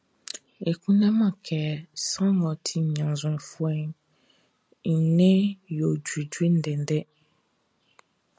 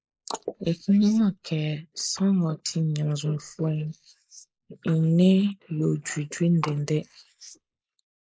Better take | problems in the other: first | noise reduction (neural mask model Resemble Enhance denoiser)

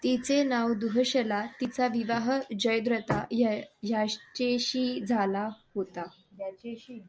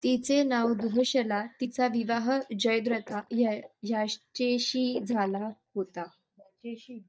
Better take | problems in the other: first | noise reduction (neural mask model DeepFilterNet 3)

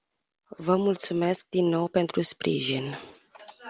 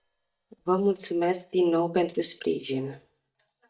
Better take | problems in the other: first | noise reduction (neural mask model DeepFilterNet 3)

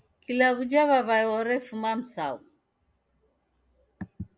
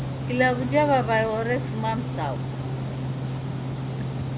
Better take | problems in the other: first | background sound (Organ + Water); 2 dB below the speech

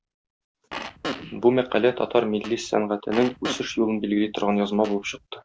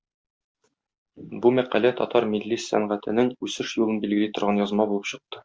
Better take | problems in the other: second | background sound (Fart); 13 dB below the speech

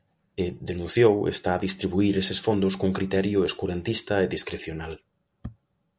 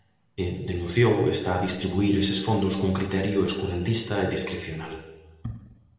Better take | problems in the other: first | room echo; dies away in 1 s

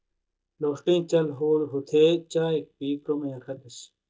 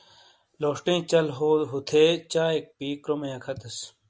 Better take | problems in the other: second | noise reduction (neural mask model DeepFilterNet 3)

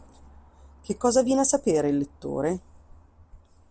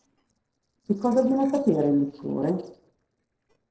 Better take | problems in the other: first | noise reduction (neural separator model SepFormer DNS4)

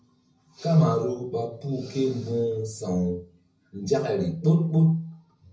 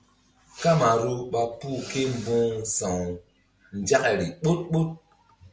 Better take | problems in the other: second | room echo; dies away in 0.4 s

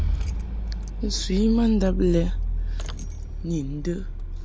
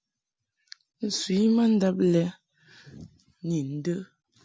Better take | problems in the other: second | background sound (Rattle / Engine starting / Car); as loud as the speech

